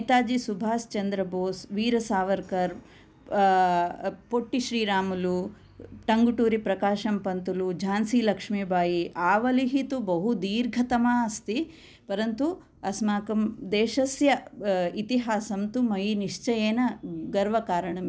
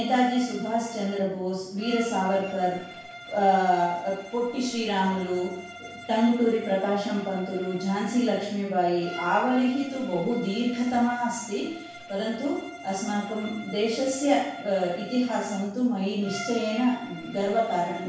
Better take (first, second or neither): first